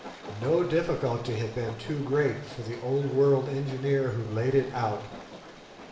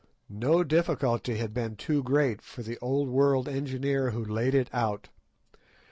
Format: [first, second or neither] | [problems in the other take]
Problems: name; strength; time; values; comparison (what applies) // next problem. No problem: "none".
second | background sound (Train); 16 dB below the speech // room echo; dies away in 0.7 s